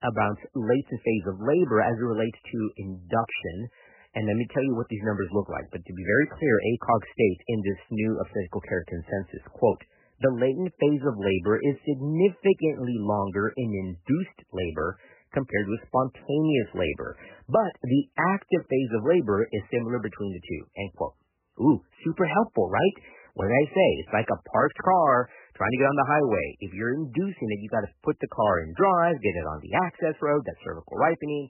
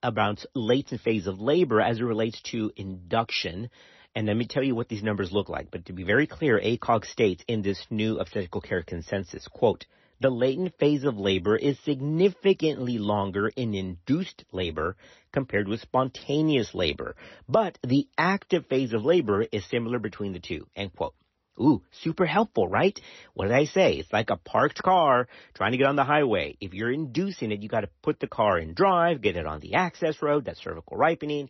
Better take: second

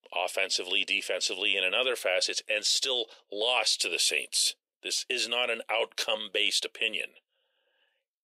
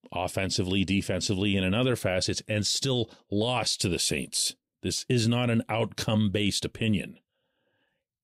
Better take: second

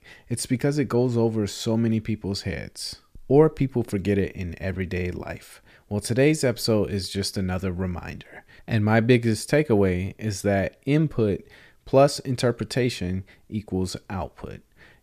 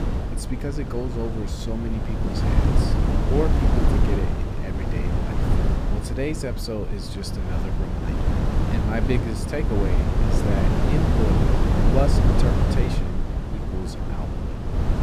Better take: first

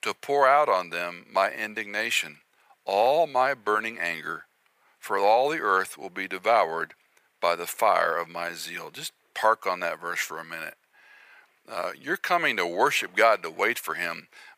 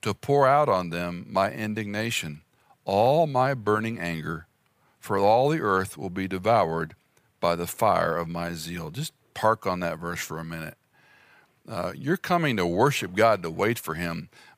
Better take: second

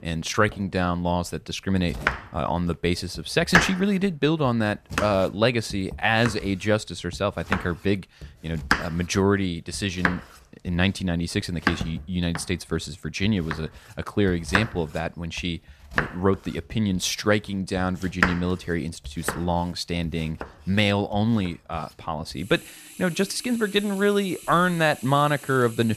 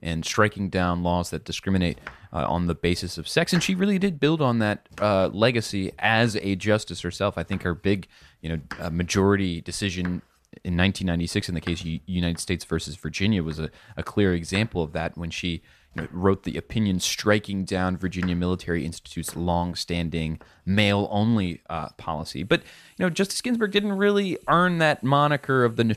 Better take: second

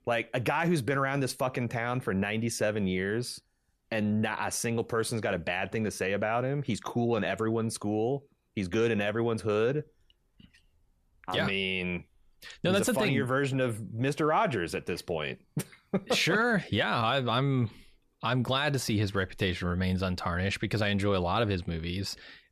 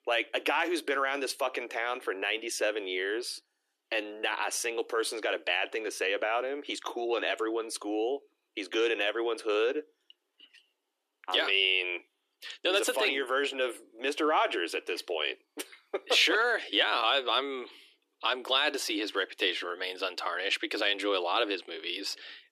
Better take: first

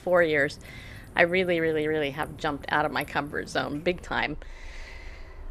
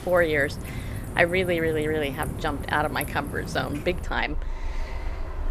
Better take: first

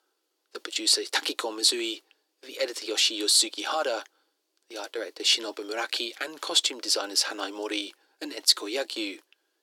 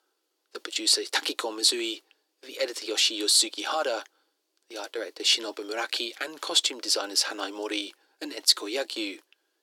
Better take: neither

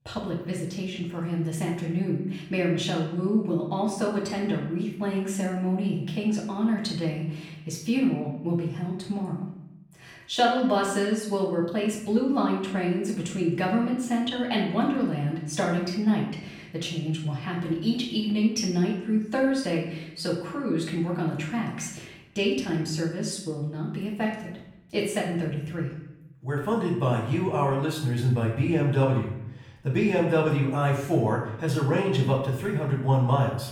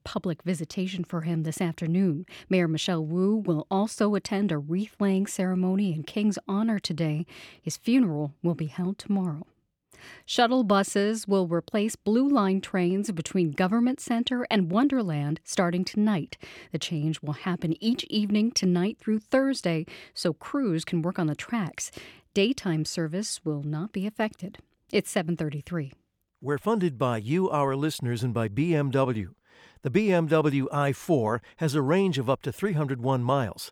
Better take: second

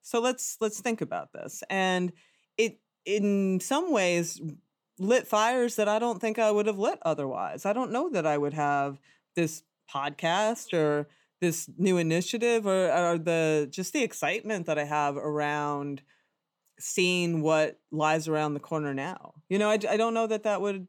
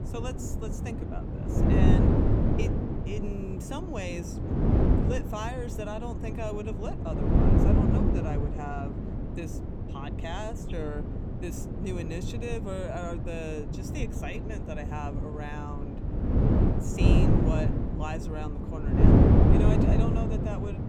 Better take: first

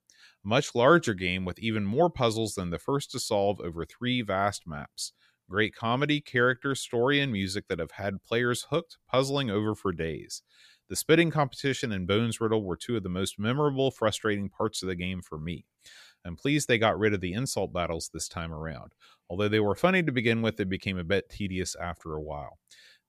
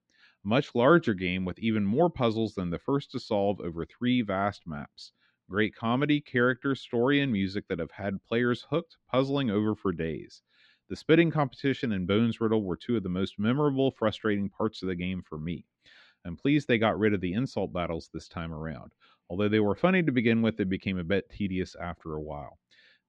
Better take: first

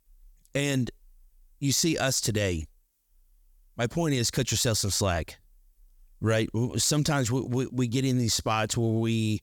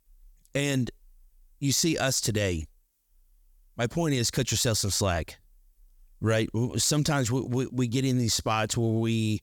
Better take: neither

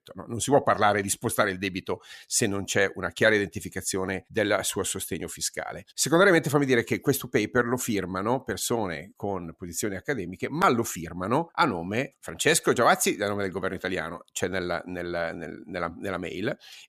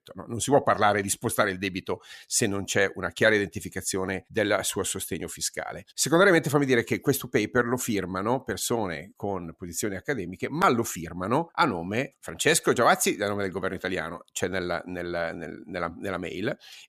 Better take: neither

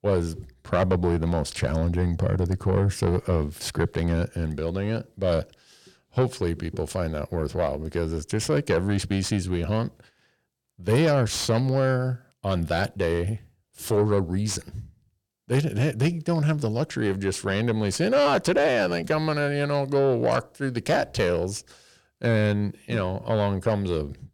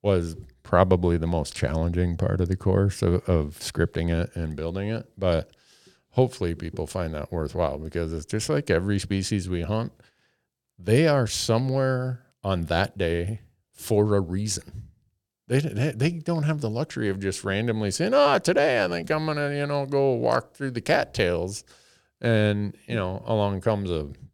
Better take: second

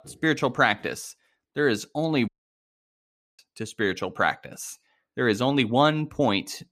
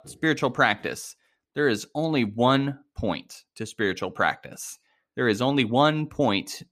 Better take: second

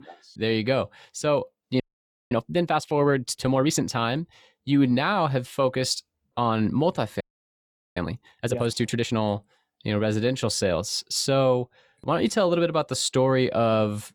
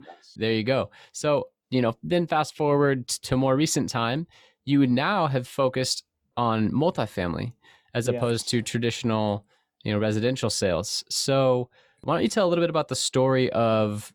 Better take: second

